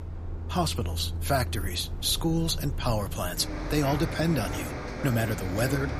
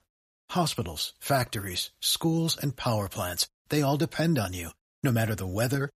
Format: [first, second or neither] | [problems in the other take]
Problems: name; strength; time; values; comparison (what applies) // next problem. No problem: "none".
second | traffic noise; loud; throughout; 6 dB below the speech